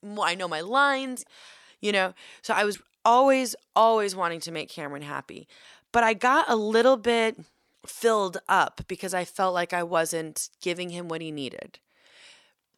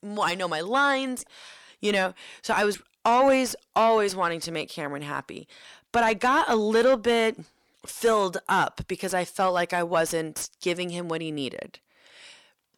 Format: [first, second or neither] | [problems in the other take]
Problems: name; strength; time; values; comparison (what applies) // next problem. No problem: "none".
first | distortion; slight; 10 dB below the speech